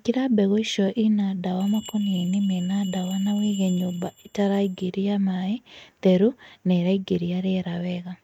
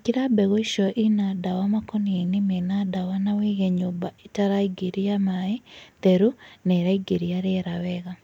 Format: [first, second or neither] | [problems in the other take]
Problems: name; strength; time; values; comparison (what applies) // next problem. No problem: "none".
second | noise reduction (neural mask model RNNoise)